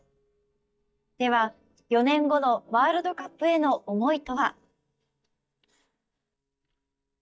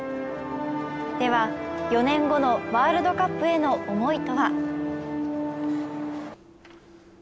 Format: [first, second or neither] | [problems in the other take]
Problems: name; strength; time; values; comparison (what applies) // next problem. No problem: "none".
second | noise reduction (neural mask model DeepFilterNet 3)